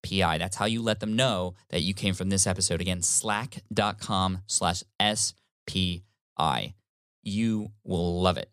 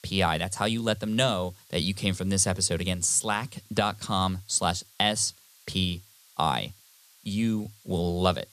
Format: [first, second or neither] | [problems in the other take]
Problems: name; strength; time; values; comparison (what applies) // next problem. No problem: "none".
first | hiss; faint; throughout; 25 dB below the speech